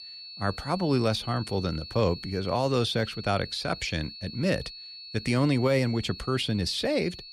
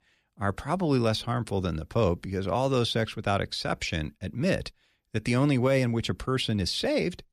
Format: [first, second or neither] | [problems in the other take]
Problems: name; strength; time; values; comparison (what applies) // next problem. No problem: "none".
second | high-pitched whine; noticeable; throughout; 4.5 kHz, 10 dB below the speech